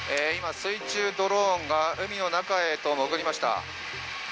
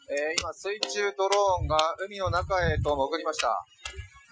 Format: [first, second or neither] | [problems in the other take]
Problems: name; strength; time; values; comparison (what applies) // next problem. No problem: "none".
first | noise reduction (classical method Wiener filter)